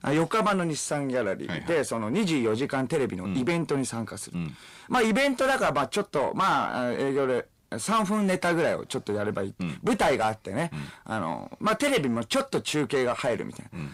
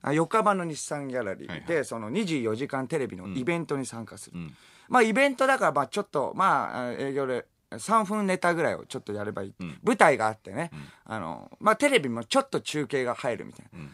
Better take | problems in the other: second | distortion; heavy; 6 dB below the speech

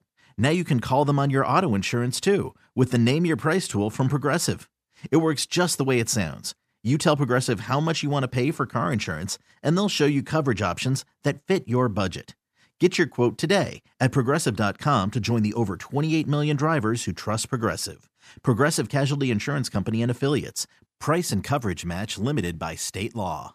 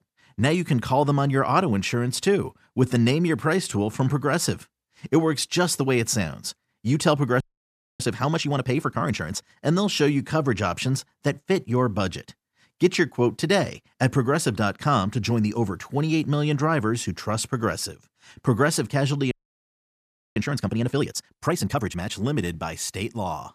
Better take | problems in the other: first | audio freezing; at 7.5 s for 0.5 s and at 19 s for 1 s

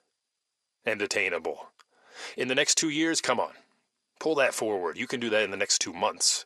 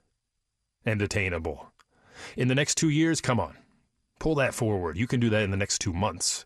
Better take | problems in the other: second | thin; somewhat; fading below 450 Hz

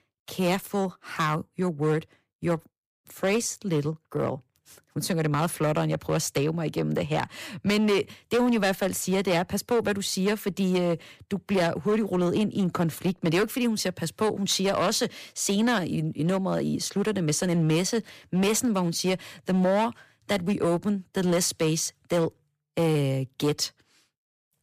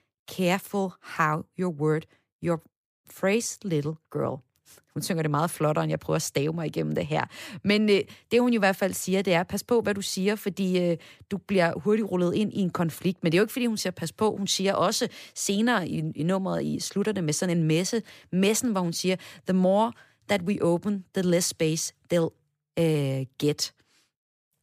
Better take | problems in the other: second | distortion; slight; 8% of the sound clipped

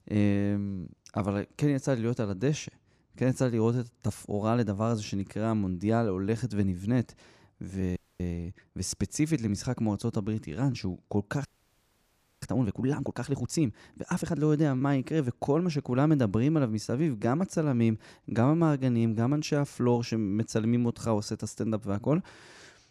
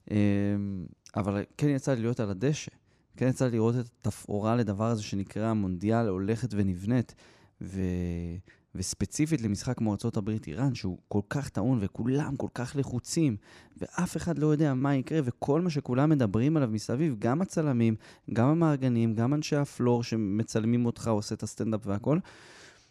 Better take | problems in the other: second | audio freezing; at 8 s and at 11 s for 1 s

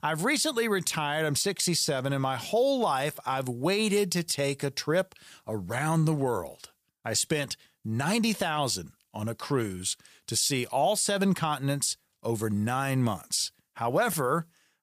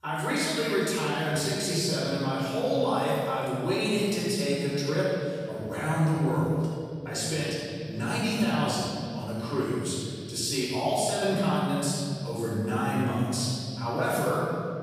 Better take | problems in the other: first | off-mic speech; far // room echo; strong; dies away in 2.7 s

